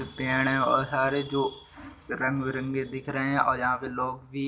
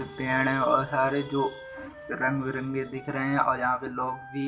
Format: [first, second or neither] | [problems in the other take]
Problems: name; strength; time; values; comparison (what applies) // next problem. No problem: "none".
first | background sound (Wind instrument, woodwind instrument); 18 dB below the speech // room echo; dies away in 0.2 s